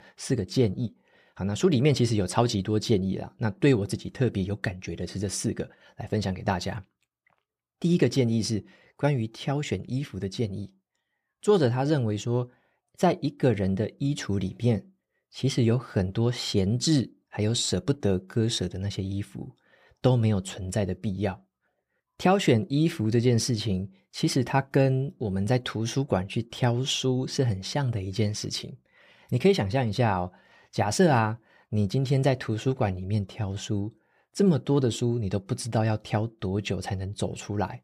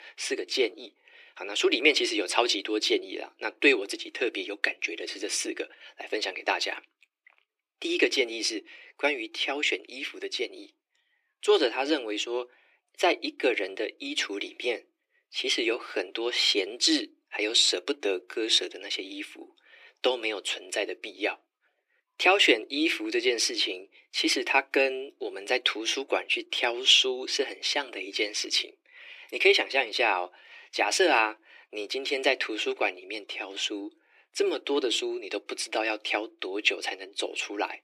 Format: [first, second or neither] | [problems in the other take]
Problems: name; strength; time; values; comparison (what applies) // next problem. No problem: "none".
first | thin; very; fading below 300 Hz